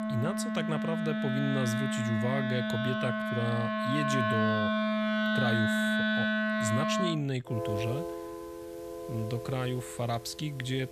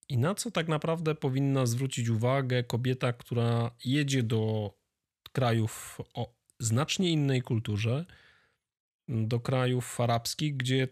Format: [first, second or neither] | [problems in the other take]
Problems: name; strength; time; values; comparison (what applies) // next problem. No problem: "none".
second | background music; very loud; throughout; 3 dB above the speech